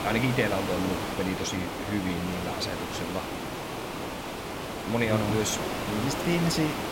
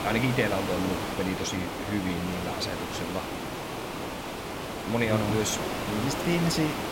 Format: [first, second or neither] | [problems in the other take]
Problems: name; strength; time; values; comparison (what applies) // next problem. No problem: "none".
neither | hiss; loud; throughout; 3 dB below the speech; the same in both